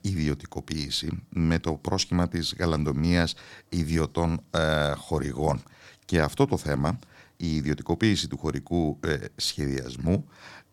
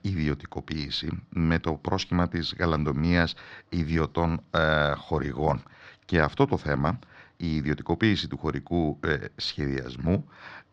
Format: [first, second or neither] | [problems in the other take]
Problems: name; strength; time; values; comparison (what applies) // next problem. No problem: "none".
first | muffled; very slightly; fading above 4.5 kHz